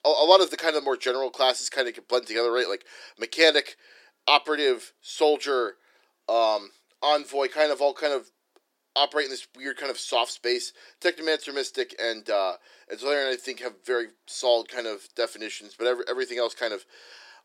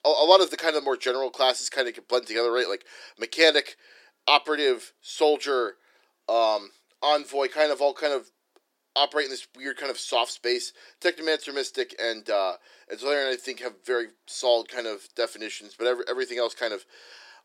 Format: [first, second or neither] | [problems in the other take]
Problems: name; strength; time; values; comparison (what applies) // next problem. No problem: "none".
neither | thin; somewhat; fading below 350 Hz; the same in both